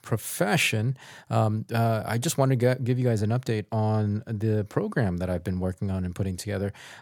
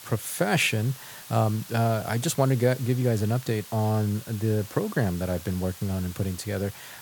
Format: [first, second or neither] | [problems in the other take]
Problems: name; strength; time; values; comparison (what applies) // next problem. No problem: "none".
first | hiss; noticeable; throughout; 15 dB below the speech